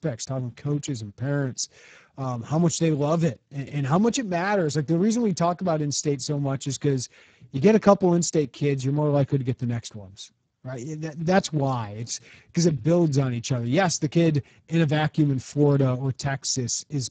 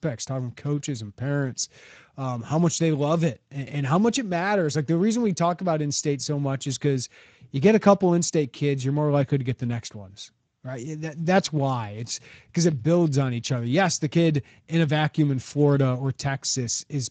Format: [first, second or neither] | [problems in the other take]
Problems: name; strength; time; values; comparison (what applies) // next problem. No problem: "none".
second | garbled, watery; badly; nothing above 7.5 kHz; slightly in the second